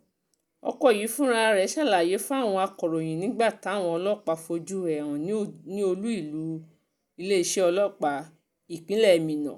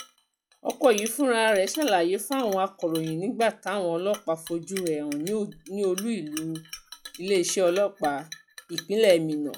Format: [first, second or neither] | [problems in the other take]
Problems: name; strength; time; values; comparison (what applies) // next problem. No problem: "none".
first | noise reduction (classical method log-MMSE)